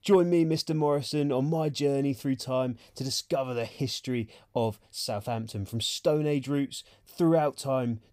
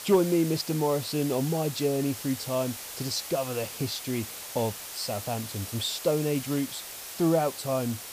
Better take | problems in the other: first | hiss; loud; throughout; 8 dB below the speech

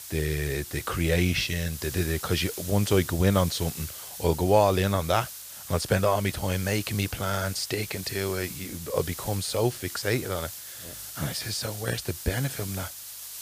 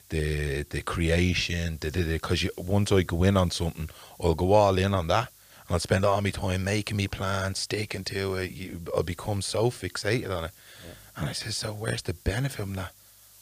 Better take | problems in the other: second | hiss; loud; throughout; 10 dB below the speech; faint in the second

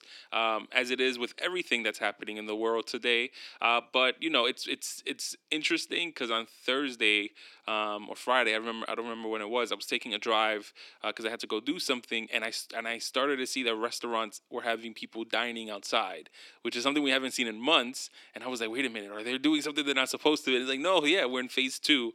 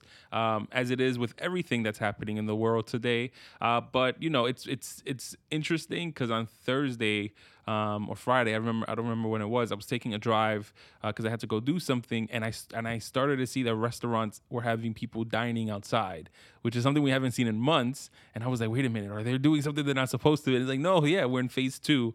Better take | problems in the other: second | thin; very slightly; fading below 300 Hz

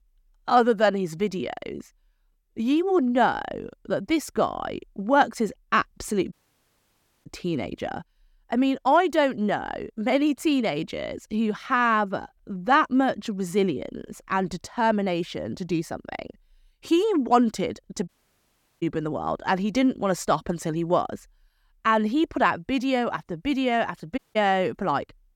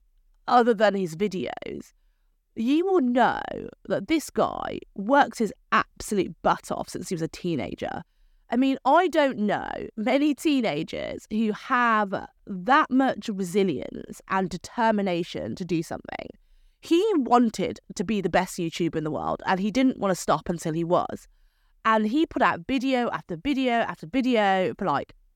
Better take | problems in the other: second | audio cutting out; at 6.5 s for 1 s, at 18 s for 0.5 s and at 24 s

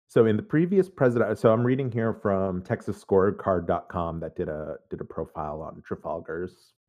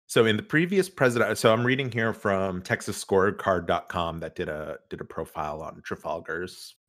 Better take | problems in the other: second | muffled; very; fading above 1 kHz

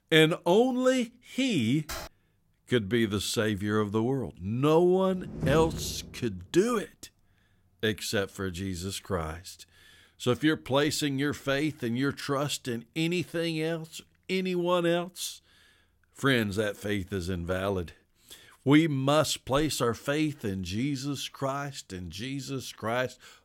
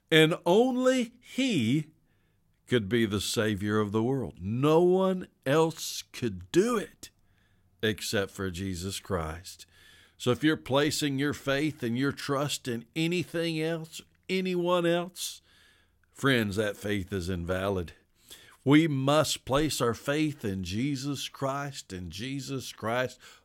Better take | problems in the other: second | keyboard typing; faint; at 2 s; peak 10 dB below the speech // door banging; noticeable; at 5 s; peak 3 dB below the speech

